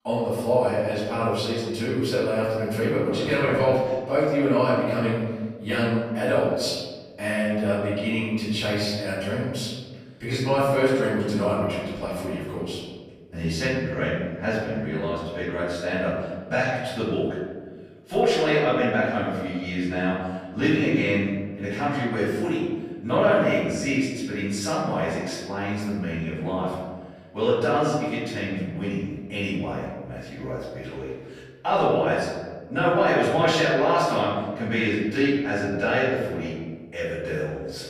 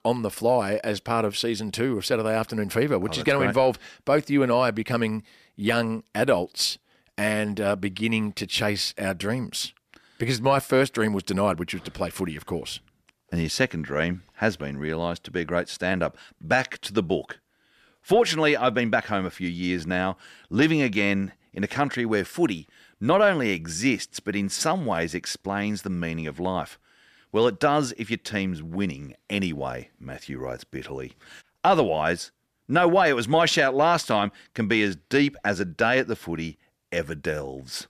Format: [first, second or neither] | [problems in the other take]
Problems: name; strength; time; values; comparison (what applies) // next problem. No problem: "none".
second | off-mic speech; far // room echo; strong; dies away in 1.4 s